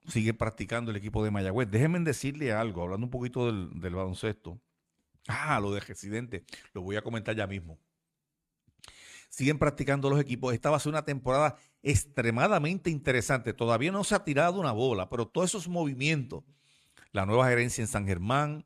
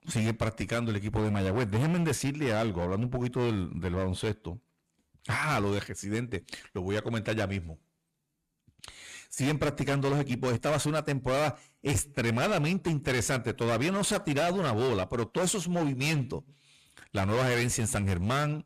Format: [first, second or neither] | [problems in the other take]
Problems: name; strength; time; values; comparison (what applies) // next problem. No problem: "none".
first | distortion; heavy; 17% of the sound clipped